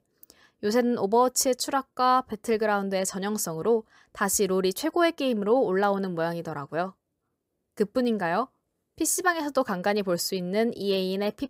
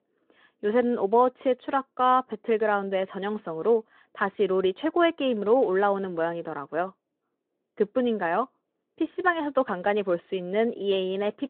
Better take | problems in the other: first | phone-call audio

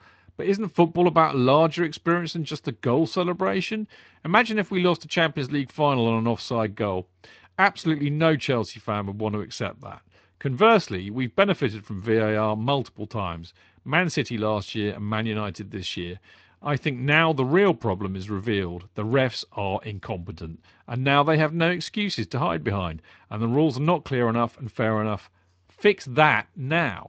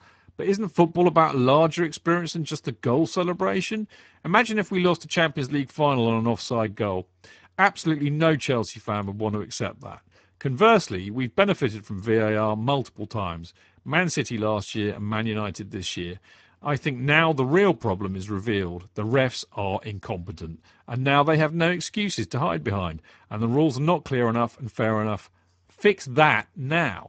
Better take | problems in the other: first | garbled, watery; badly; nothing above 8 kHz; slightly in the first

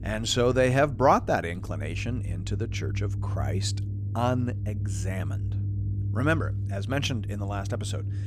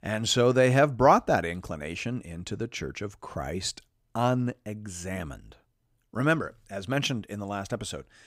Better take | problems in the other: second | low rumble; noticeable; throughout; 20 dB below the speech

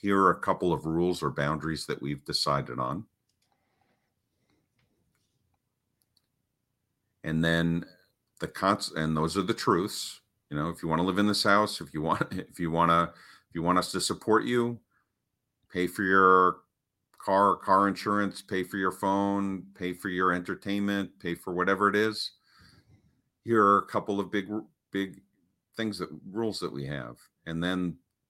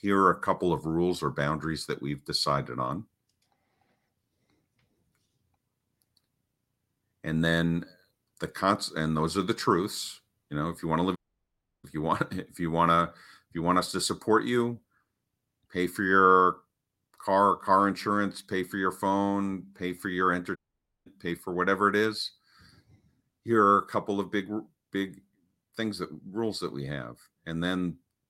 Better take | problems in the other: first | audio cutting out; at 11 s for 0.5 s and at 21 s for 0.5 s

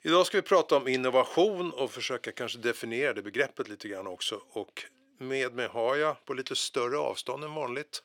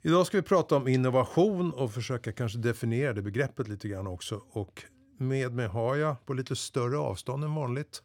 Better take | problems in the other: second | thin; somewhat; fading below 400 Hz

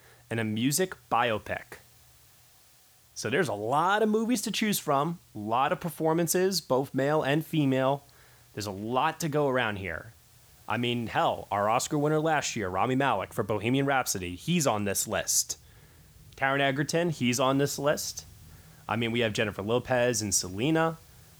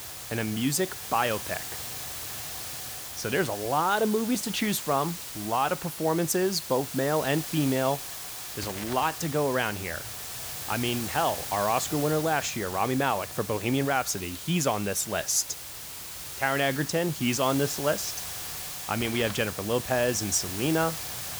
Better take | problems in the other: first | hiss; loud; throughout; 7 dB below the speech; faint in the first

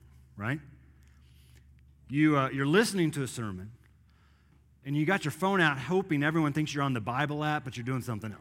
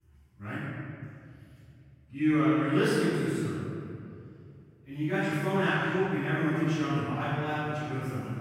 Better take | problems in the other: first | off-mic speech; far // room echo; strong; dies away in 2.1 s

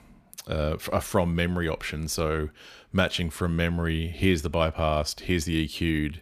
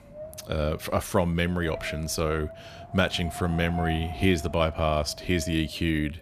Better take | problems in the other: first | wind noise on the microphone; occasional gusts; 10 dB below the speech

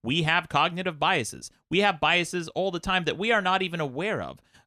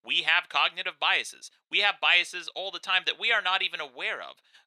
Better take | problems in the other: first | thin; very; fading below 600 Hz

